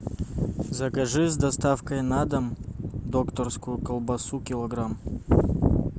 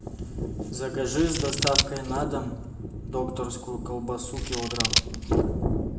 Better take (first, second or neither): first